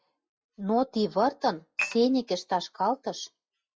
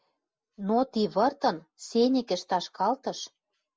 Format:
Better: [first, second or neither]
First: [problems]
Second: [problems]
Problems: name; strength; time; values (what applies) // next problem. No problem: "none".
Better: second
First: noise reduction (classical method log-MMSE)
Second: none